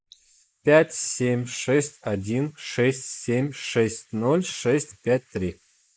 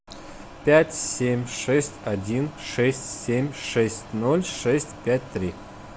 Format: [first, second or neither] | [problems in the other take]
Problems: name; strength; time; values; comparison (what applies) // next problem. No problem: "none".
second | noise reduction (neural mask model Resemble Enhance denoiser)